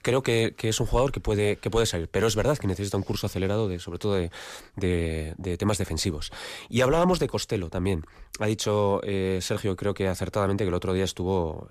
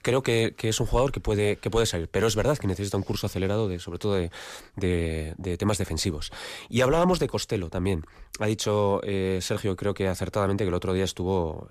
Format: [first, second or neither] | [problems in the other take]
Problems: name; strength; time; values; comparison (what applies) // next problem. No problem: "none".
neither | none